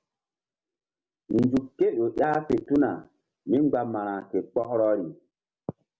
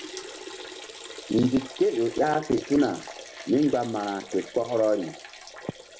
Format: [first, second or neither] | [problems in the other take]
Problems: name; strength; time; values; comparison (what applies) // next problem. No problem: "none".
first | background sound (Liquid); 14 dB below the speech